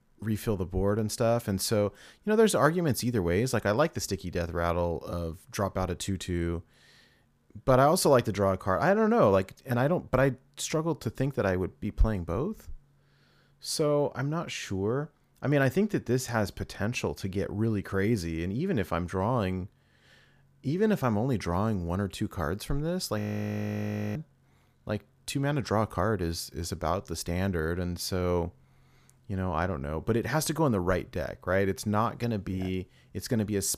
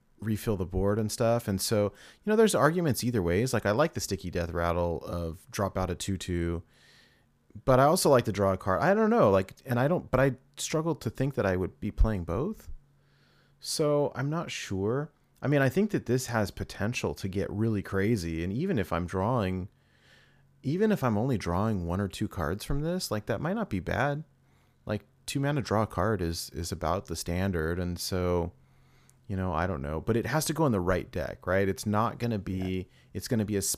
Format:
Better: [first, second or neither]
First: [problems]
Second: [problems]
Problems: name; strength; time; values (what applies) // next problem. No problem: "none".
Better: second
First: audio freezing; at 23 s for 1 s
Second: none